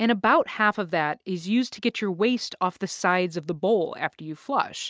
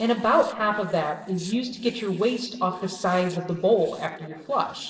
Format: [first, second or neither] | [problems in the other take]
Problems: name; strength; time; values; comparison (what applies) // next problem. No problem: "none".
first | noise reduction (neural separator model SepFormer DNS4)